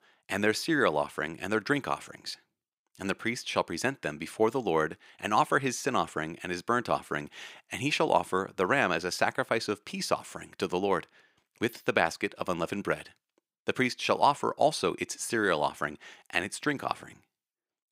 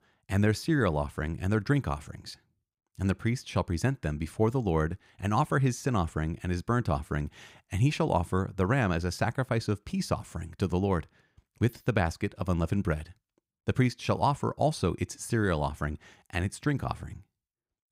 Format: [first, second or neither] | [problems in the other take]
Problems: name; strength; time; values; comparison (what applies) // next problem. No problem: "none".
second | thin; somewhat; fading below 350 Hz